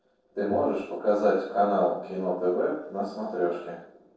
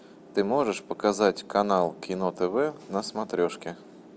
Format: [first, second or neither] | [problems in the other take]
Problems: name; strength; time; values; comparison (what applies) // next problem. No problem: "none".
second | noise reduction (neural separator model SepFormer DNS4)